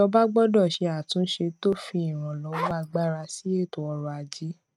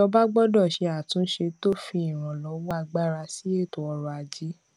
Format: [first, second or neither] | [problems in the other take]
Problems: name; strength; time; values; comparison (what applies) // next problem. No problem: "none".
second | noise reduction (neural mask model RNNoise)